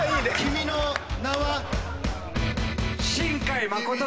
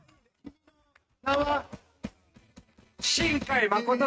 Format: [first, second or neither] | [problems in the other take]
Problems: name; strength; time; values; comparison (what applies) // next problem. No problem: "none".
first | noise reduction (neural mask model RNNoise)